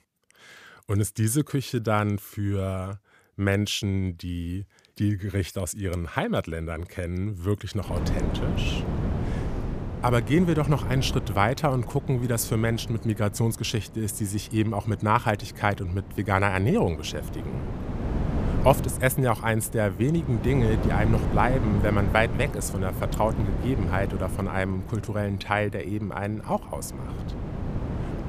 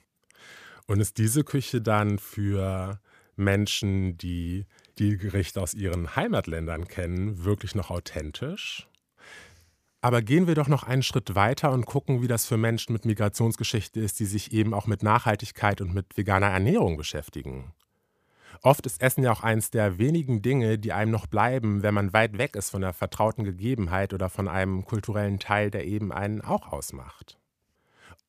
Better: second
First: wind noise on the microphone; heavy; from 8 s on; 10 dB below the speech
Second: none

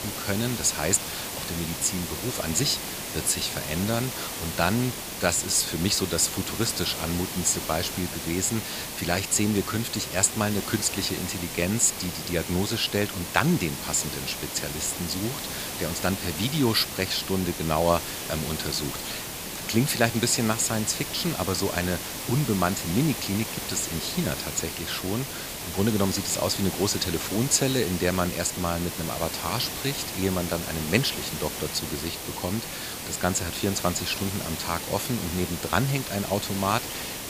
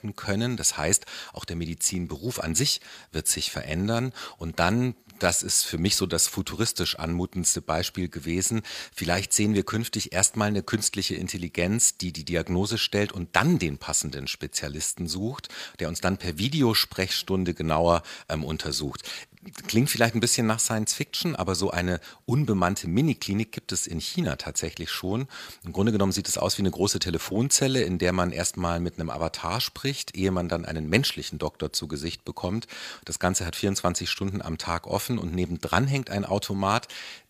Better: second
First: hiss; loud; throughout; 5 dB below the speech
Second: none

